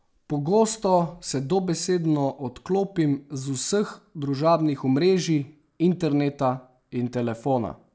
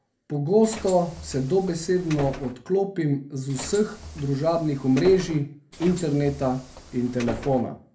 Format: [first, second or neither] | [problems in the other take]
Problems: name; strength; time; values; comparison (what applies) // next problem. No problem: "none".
first | background sound (Bus); 14 dB below the speech // room echo; dies away in 0.3 s